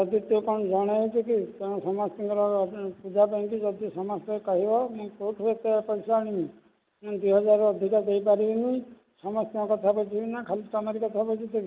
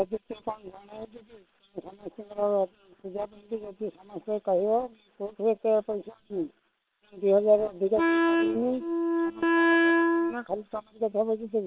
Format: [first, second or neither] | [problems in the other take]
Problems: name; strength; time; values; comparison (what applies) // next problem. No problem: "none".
first | noise reduction (neural separator model SepFormer WHAM!)